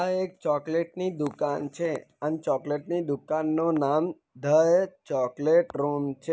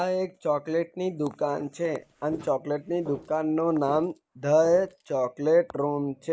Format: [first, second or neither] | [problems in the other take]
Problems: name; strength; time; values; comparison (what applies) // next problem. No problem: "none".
first | noise reduction (neural mask model Resemble Enhance denoiser)